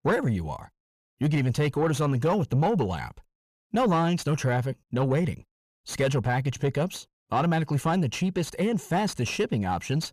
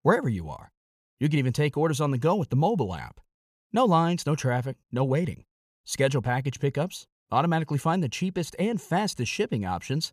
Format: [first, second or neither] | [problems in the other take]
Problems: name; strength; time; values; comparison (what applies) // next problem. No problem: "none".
second | distortion; slight; 10 dB below the speech